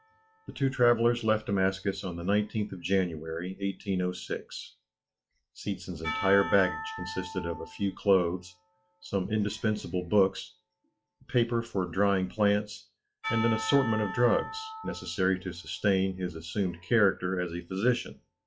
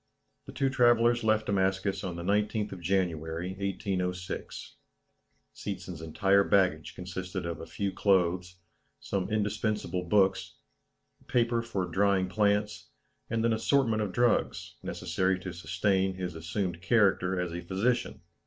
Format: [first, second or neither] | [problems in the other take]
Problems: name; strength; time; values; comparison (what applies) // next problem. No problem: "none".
second | noise reduction (classical method log-MMSE)